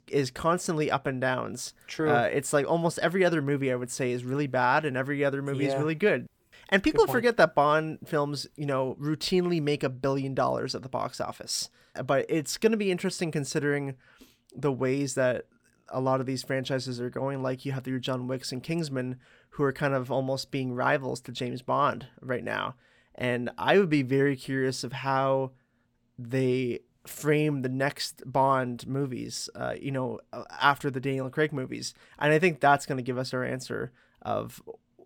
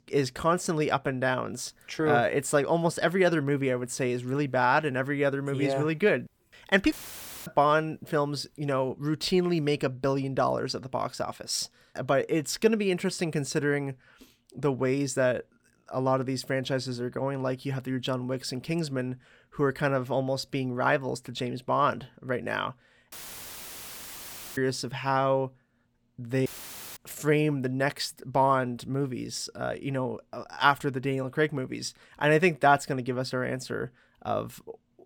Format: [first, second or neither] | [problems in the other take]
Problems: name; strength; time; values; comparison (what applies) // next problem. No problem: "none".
first | audio cutting out; filled with static; at 7 s for 0.5 s, at 23 s for 1.5 s and at 26 s for 0.5 s